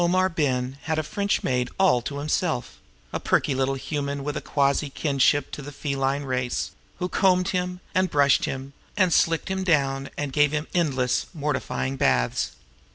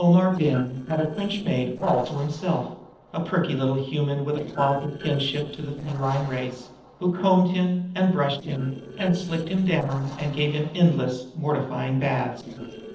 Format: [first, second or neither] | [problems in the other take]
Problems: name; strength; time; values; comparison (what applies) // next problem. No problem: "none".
first | noise reduction (neural separator model SepFormer DNS4)